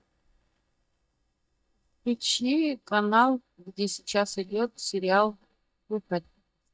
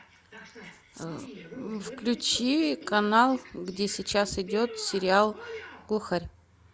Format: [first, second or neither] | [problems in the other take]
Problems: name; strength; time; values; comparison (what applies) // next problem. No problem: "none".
second | noise reduction (neural mask model DeepFilterNet 3)